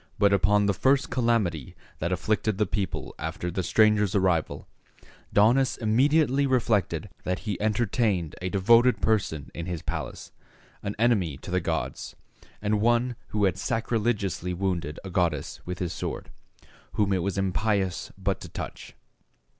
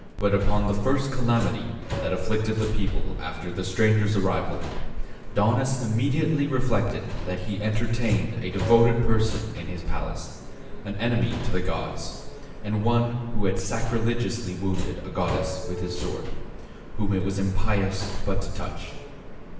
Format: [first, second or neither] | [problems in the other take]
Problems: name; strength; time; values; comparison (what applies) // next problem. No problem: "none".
first | background sound (Subway, metro, underground); 8 dB below the speech // room echo; dies away in 1 s